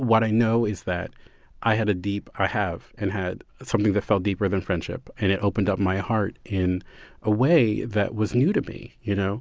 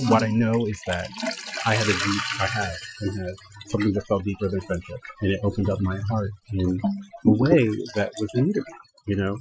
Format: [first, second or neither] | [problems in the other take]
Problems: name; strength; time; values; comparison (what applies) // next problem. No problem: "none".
first | noise reduction (classical method Wiener filter)